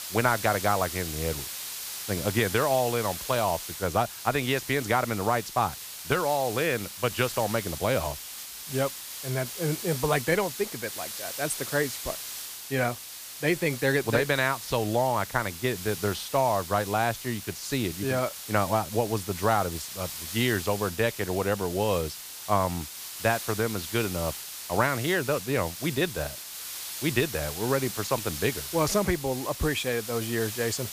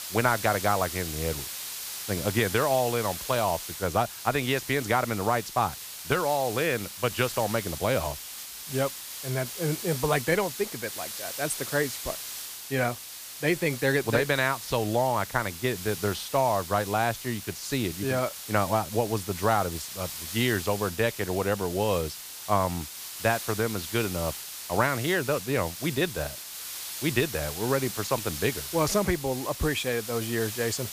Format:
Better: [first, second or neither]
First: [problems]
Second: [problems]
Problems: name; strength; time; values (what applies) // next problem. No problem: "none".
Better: neither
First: hiss; loud; throughout; 8 dB below the speech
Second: hiss; loud; throughout; 8 dB below the speech